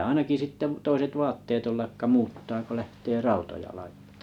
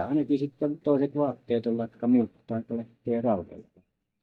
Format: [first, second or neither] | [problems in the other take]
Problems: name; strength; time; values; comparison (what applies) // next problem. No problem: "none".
first | noise reduction (neural mask model DeepFilterNet 3)